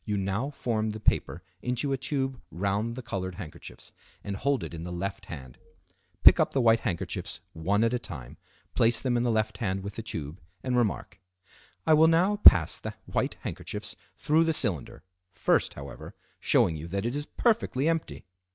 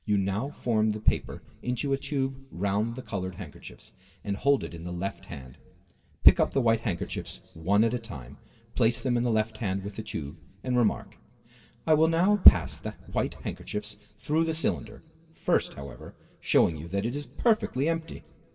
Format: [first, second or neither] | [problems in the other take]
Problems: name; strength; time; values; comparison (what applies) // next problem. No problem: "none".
first | room echo; dies away in 1.3 s